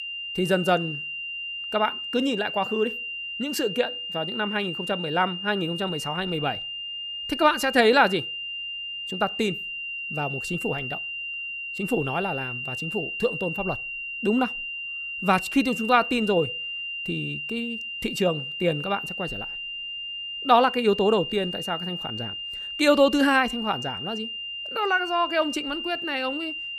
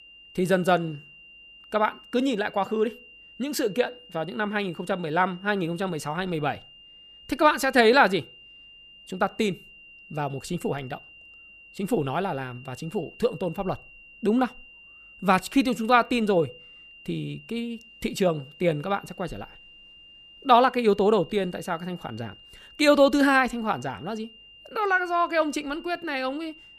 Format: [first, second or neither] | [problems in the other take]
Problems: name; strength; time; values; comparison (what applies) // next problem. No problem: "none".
second | high-pitched whine; loud; throughout; 3 kHz, 5 dB below the speech; faint in the second